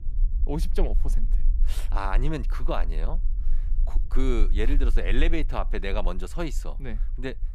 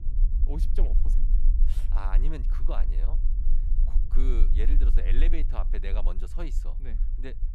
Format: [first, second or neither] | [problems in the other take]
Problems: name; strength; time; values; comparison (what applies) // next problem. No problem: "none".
first | low rumble; loud; throughout; 9 dB below the speech; faint in the first